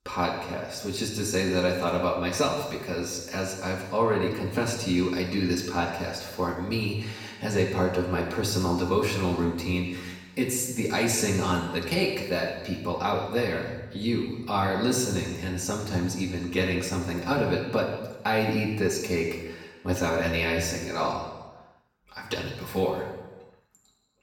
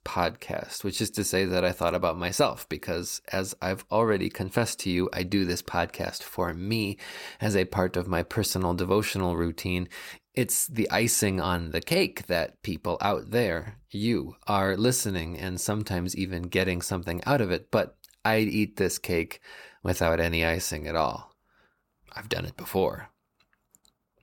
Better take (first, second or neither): second